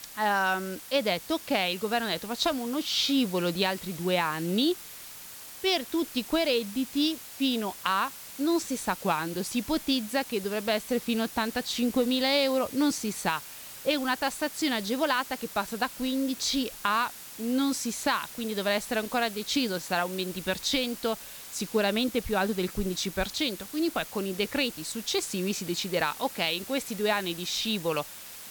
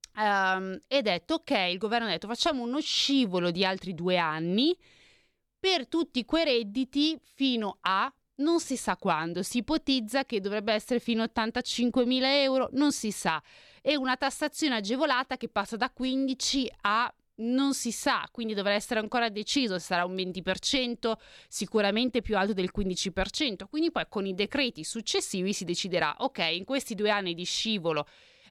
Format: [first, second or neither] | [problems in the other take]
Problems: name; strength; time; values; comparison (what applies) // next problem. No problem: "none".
second | hiss; noticeable; throughout; 10 dB below the speech